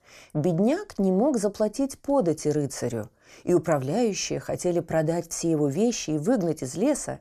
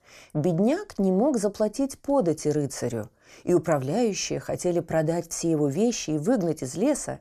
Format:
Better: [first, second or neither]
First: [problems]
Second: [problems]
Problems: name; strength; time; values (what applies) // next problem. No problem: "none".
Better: neither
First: none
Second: none